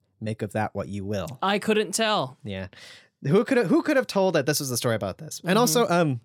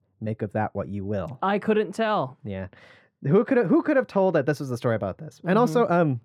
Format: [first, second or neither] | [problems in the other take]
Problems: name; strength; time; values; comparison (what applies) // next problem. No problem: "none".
first | muffled; very; fading above 3 kHz